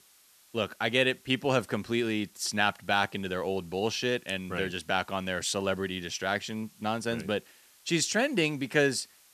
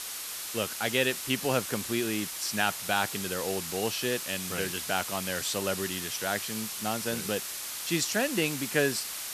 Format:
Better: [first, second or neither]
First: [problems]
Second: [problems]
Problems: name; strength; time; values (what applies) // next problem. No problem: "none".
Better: first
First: hiss; faint; throughout; 30 dB below the speech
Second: hiss; loud; throughout; 3 dB below the speech